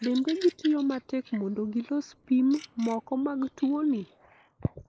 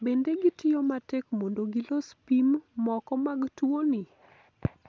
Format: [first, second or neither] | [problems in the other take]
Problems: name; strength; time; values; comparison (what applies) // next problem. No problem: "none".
second | noise reduction (neural mask model Resemble Enhance denoiser)